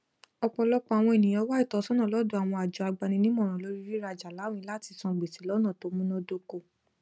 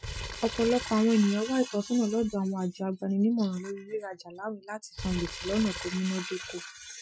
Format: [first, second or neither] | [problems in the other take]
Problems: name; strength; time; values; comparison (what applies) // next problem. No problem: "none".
first | noise reduction (classical method Wiener filter)